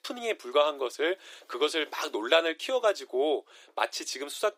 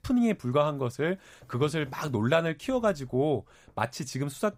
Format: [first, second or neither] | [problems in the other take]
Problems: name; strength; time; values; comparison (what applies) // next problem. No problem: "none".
second | thin; very; fading below 350 Hz